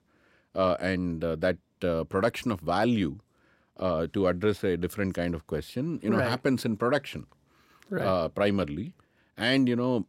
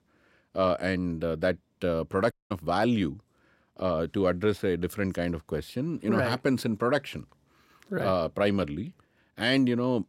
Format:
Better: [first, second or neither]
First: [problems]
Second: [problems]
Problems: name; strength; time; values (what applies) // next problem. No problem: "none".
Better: first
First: none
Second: audio cutting out; at 2.5 s